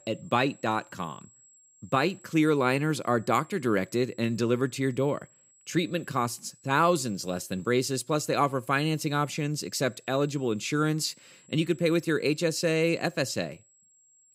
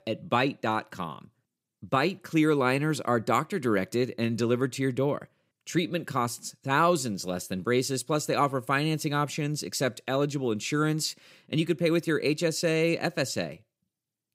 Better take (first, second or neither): second